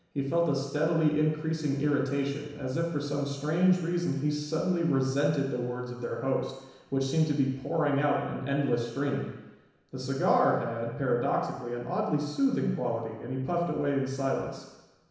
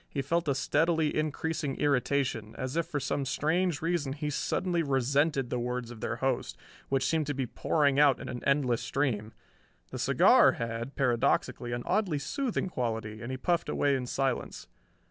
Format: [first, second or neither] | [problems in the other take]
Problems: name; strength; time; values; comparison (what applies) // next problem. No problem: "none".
second | room echo; dies away in 1 s